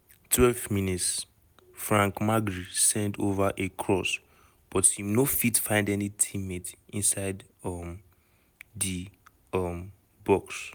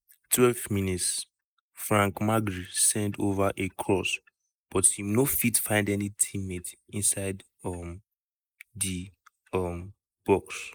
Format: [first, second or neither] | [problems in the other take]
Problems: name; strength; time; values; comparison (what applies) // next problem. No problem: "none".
first | noise reduction (neural mask model Resemble Enhance denoiser)